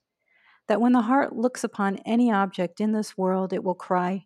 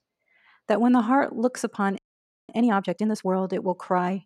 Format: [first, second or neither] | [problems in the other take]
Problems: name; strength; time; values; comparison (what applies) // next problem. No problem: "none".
first | audio freezing; at 2 s for 0.5 s